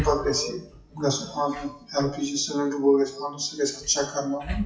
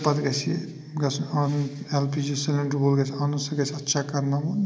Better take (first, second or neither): second